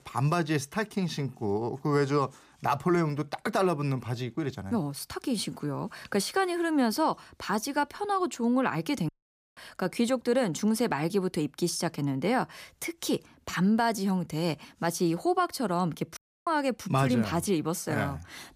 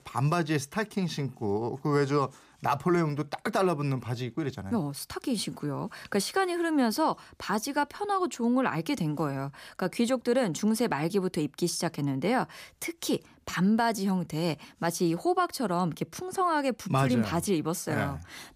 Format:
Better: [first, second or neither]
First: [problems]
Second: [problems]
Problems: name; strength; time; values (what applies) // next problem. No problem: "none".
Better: second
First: audio cutting out; at 9 s and at 16 s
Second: none